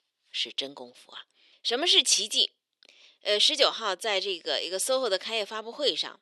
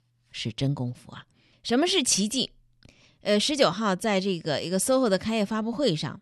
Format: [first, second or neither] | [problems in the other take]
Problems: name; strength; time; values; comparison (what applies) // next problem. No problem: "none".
second | thin; very; fading below 400 Hz